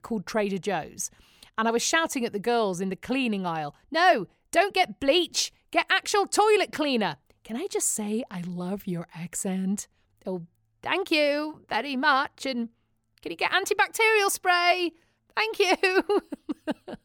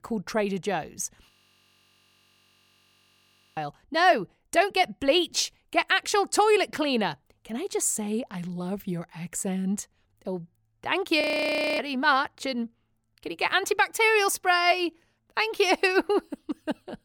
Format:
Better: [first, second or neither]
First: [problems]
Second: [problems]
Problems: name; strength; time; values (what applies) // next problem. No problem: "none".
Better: first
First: none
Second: audio freezing; at 1.5 s for 2.5 s and at 11 s for 0.5 s